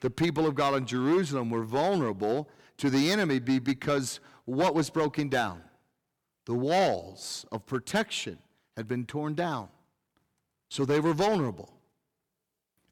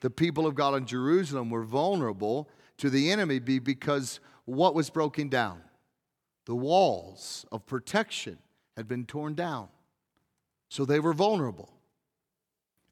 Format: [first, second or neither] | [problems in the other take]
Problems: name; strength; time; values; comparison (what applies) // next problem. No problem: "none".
second | distortion; slight; 5% of the sound clipped